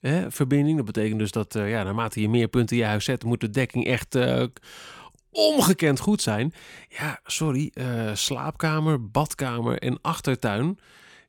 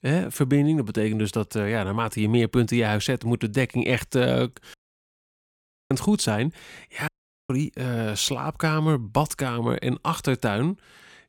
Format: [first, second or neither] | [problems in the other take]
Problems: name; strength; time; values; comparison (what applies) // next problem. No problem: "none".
first | audio cutting out; at 4.5 s for 1 s and at 7 s